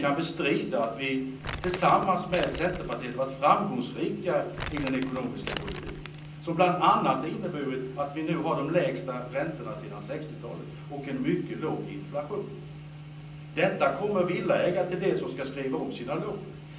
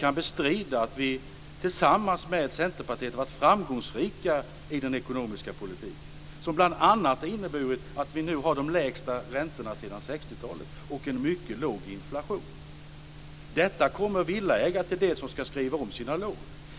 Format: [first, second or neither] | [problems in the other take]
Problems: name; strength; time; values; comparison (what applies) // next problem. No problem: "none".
second | background sound (Crumpling, crinkling); 10 dB below the speech // room echo; dies away in 0.6 s